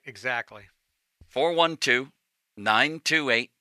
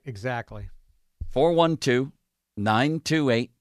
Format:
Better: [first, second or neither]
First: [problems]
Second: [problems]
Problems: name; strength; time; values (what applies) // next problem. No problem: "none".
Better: second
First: thin; somewhat; fading below 800 Hz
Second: none